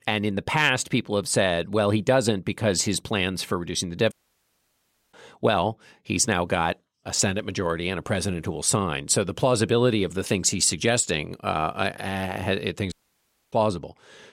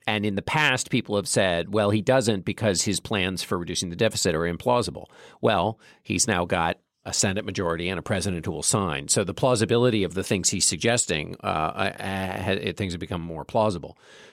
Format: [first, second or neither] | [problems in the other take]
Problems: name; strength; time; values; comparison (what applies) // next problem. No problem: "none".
second | audio cutting out; at 4 s for 1 s and at 13 s for 0.5 s